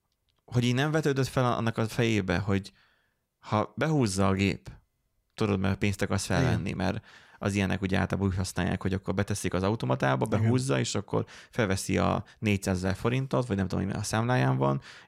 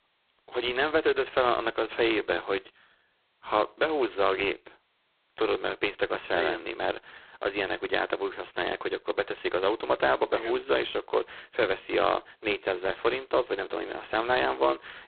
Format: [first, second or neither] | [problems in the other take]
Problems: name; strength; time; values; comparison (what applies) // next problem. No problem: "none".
first | phone-call audio; poor line; nothing above 4 kHz